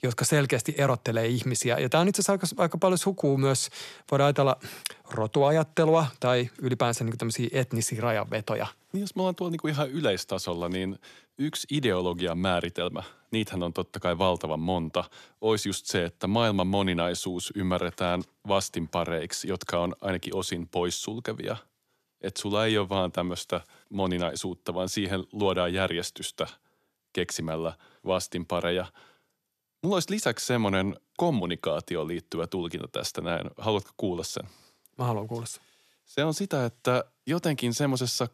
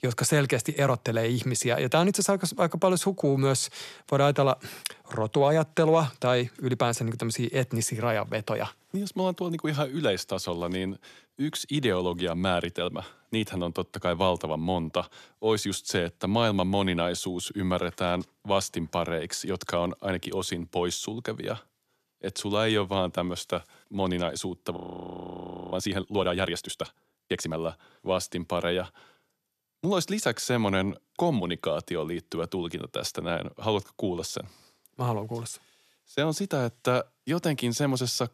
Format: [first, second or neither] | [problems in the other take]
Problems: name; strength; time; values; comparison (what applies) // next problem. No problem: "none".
first | audio freezing; at 25 s for 1 s